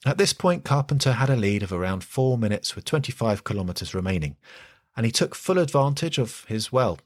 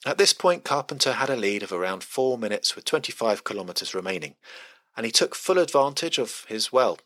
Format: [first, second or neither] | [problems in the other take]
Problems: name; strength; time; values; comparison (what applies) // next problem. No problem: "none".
first | thin; somewhat; fading below 300 Hz